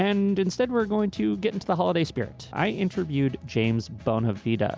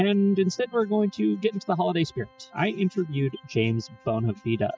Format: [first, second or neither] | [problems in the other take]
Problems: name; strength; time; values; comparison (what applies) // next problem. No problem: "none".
first | noise reduction (classical method spectral subtraction)